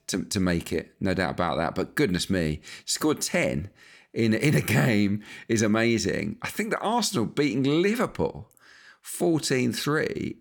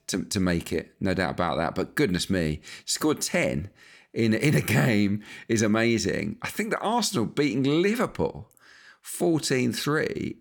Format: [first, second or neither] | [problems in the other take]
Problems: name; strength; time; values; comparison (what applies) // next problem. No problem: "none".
neither | none